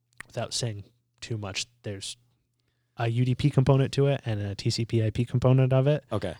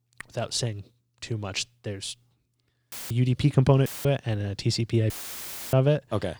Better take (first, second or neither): first